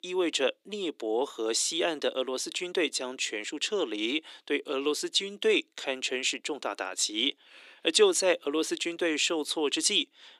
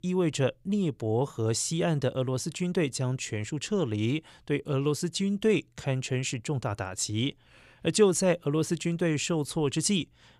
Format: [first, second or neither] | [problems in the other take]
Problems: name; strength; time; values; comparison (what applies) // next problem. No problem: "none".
second | thin; somewhat; fading below 300 Hz